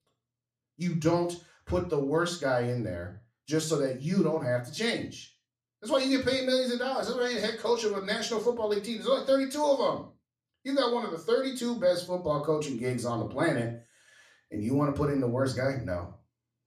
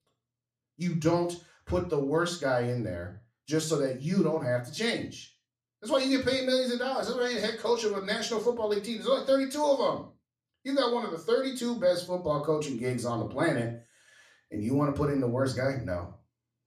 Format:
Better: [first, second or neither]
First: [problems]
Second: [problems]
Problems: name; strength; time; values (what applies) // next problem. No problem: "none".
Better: neither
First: room echo; slight; dies away in 0.3 s // off-mic speech; somewhat distant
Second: room echo; slight; dies away in 0.3 s // off-mic speech; somewhat distant